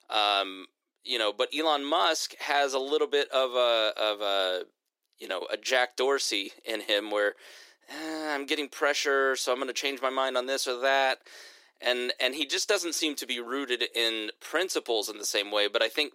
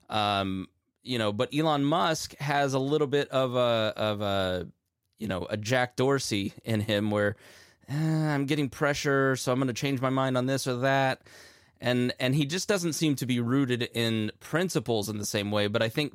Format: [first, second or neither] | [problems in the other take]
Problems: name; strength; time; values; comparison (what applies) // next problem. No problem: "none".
second | thin; very; fading below 350 Hz